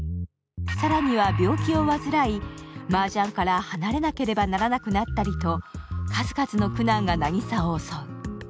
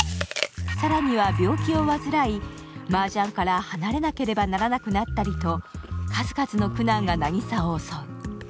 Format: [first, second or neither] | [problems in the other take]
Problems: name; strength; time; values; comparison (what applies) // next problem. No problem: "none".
first | background sound (Chewing, mastication); 15 dB below the speech